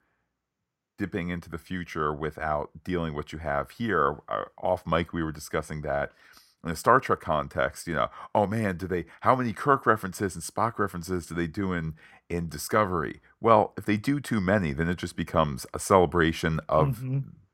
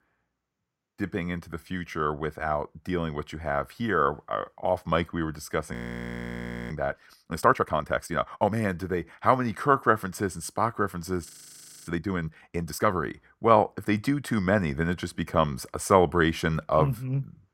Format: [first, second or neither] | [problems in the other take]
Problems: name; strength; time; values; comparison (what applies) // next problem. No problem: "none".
first | audio freezing; at 5.5 s for 1 s and at 11 s for 0.5 s